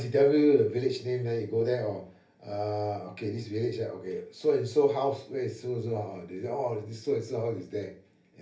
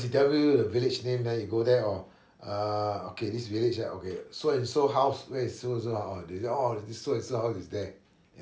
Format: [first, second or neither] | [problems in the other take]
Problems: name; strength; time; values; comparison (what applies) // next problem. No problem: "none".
second | room echo; dies away in 0.3 s